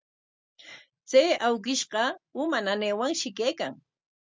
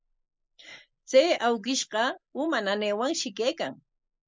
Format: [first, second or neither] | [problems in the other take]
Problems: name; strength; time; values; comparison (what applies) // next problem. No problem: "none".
first | noise reduction (neural mask model Resemble Enhance denoiser)